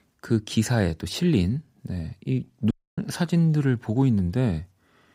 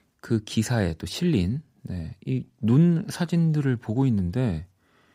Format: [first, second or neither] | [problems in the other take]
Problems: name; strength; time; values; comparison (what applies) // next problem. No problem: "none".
second | audio cutting out; at 2.5 s